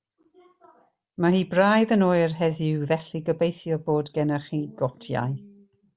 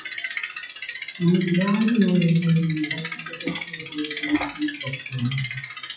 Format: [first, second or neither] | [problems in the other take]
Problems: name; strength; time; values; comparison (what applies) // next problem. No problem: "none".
first | noise reduction (classical method WPE with log-MMSE)